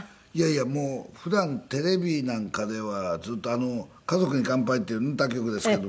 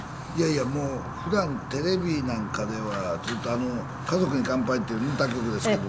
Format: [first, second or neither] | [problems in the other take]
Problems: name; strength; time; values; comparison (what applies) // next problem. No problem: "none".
first | background sound (Fire); 7 dB below the speech